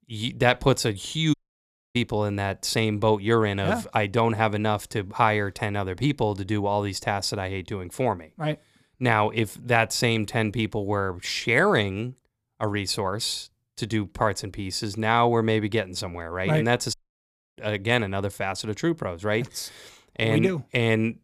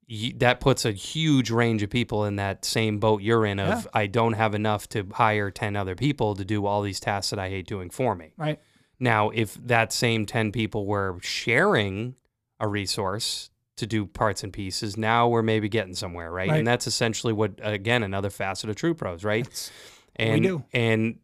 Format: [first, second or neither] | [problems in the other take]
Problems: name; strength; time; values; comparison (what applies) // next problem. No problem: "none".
second | audio cutting out; at 1.5 s for 0.5 s and at 17 s for 0.5 s